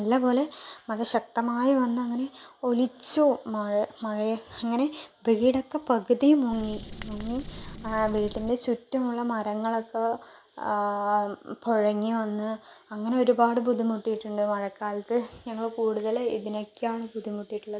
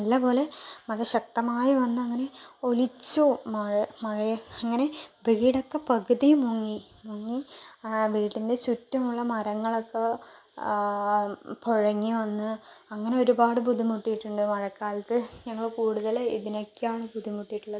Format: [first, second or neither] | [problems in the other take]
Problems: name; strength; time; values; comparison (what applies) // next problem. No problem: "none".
second | background sound (Writing); 12 dB below the speech